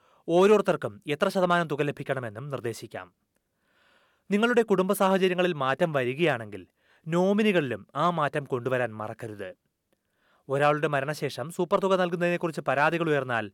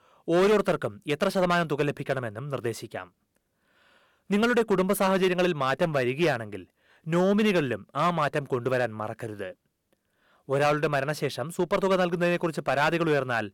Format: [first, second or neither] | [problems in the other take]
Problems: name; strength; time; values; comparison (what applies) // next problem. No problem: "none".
first | distortion; slight; 5% of the sound clipped